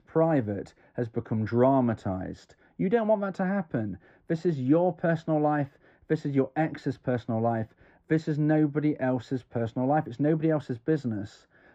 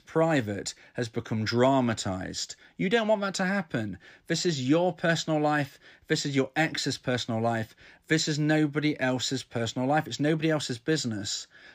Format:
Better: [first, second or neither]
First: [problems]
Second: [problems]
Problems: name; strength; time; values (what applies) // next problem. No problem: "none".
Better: second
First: muffled; very; fading above 2 kHz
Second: none